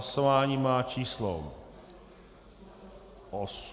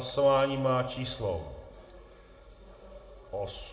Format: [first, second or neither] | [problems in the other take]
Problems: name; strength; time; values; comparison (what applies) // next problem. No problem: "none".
first | room echo; dies away in 0.4 s